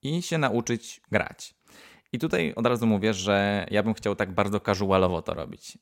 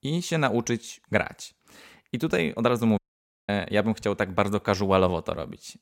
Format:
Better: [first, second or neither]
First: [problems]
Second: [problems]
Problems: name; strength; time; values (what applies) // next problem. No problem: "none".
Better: first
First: none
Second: audio cutting out; at 3 s for 0.5 s